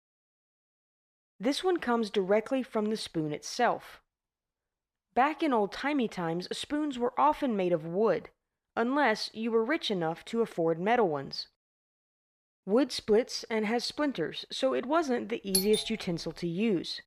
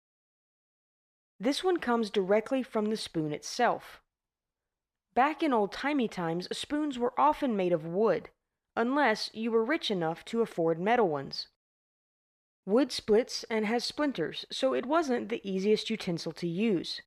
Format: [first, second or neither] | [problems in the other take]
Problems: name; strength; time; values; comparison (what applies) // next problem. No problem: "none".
second | doorbell; loud; at 16 s; peak 1 dB above the speech